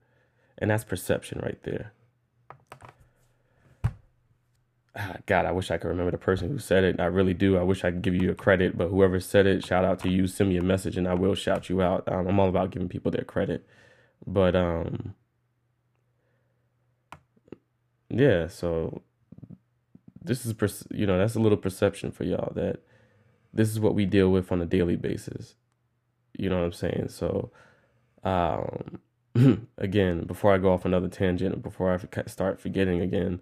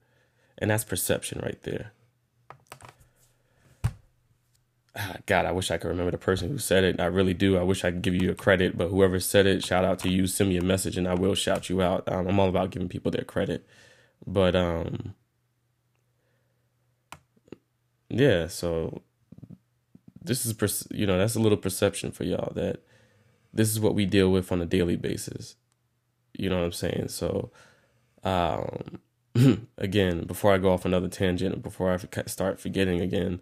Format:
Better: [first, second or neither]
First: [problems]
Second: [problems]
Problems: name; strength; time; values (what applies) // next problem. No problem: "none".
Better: second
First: muffled; slightly; fading above 3 kHz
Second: none